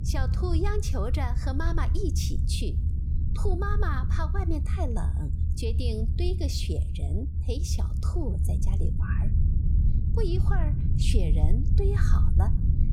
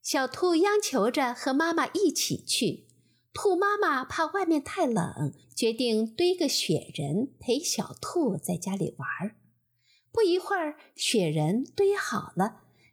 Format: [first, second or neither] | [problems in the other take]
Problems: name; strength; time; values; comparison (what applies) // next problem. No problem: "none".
second | low rumble; loud; throughout; 6 dB below the speech